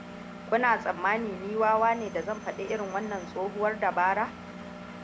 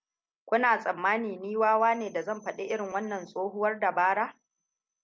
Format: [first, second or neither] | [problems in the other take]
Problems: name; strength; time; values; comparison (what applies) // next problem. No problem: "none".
second | background sound (Engine); 13 dB below the speech